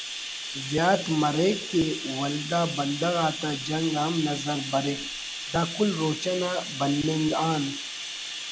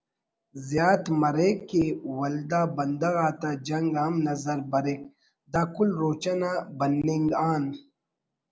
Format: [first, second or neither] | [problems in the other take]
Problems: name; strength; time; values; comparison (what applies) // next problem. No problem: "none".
second | background sound (Bathtub (filling or washing)); 8 dB below the speech